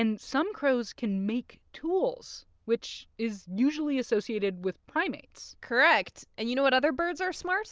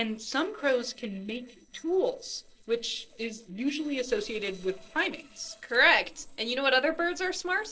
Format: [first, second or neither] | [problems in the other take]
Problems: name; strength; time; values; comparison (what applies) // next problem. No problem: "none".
first | noise reduction (neural separator model SepFormer DNS4)